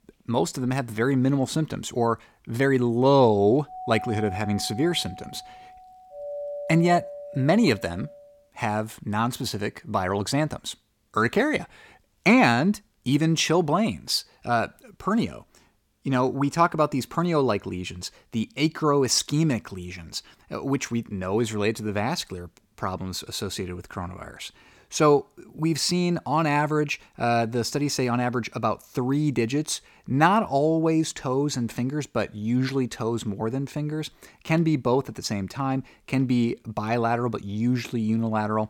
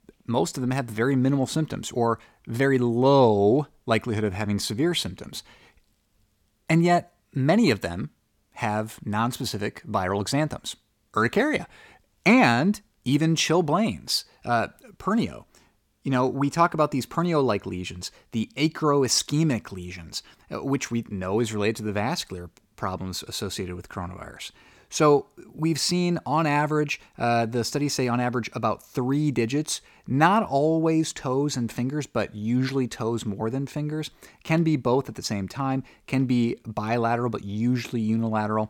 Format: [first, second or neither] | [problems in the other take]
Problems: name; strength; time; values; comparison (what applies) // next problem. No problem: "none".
second | doorbell; noticeable; from 3.5 to 8.5 s; peak 9 dB below the speech